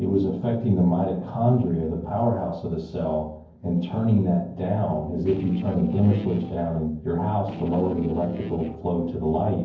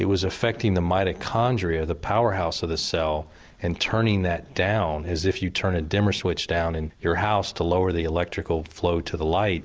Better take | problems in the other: second | noise reduction (neural separator model SepFormer DNS4)

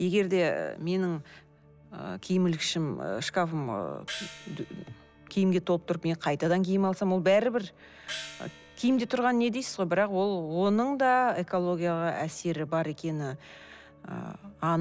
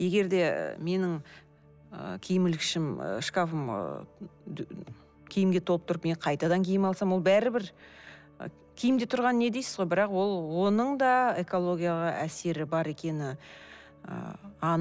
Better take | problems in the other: second | background sound (Gong); 16 dB below the speech

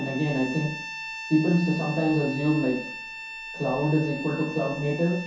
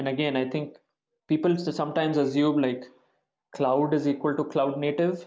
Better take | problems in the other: second | background sound (Bowed string instrument); 11 dB below the speech // room echo; dies away in 0.6 s

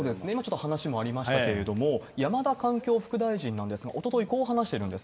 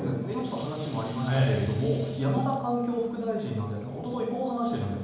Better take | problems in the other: first | background sound (Dishes, pots, and pans); 16 dB below the speech // room echo; dies away in 1 s

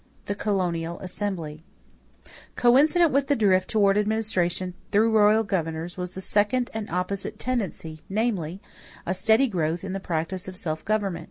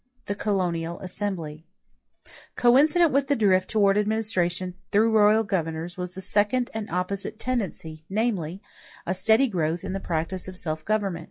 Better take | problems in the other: first | noise reduction (classical method log-MMSE)

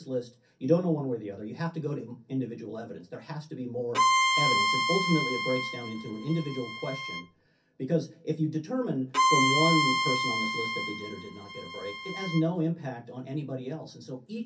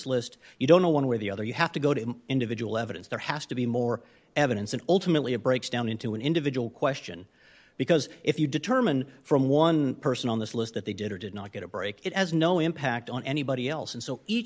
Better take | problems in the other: second | background sound (Bowed string instrument); 3 dB above the speech // room echo; dies away in 0.3 s

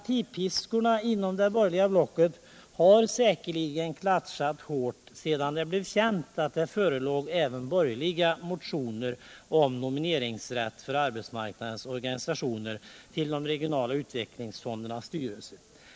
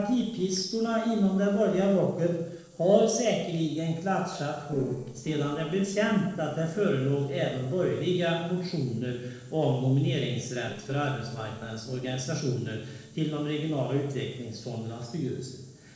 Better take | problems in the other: first | noise reduction (neural separator model SepFormer DNS4)

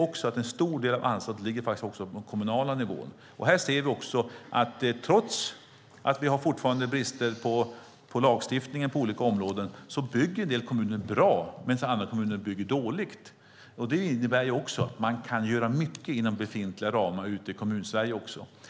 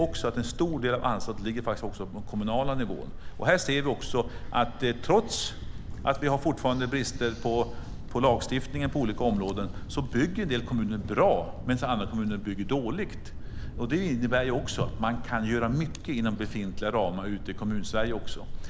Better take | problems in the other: first | background sound (Thunder); 6 dB below the speech

